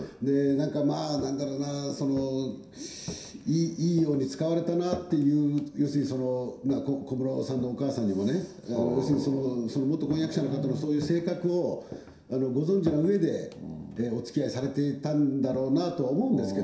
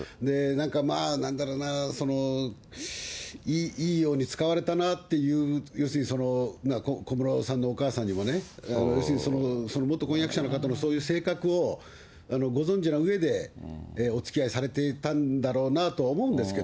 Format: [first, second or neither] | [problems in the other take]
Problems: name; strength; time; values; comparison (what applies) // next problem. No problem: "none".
second | background sound (Walk, footsteps); 19 dB below the speech // room echo; dies away in 0.7 s